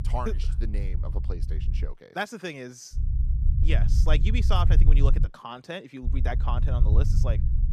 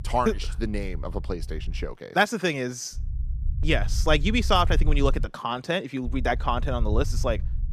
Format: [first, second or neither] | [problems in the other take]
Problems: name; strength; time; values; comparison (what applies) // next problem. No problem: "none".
second | low rumble; loud; until 2 s, from 3 to 5.5 s and from 6 s on; 8 dB below the speech; faint in the second